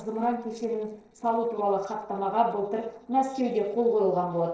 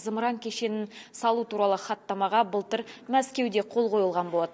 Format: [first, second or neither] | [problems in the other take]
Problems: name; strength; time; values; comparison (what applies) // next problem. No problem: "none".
second | noise reduction (neural separator model SepFormer DNS4)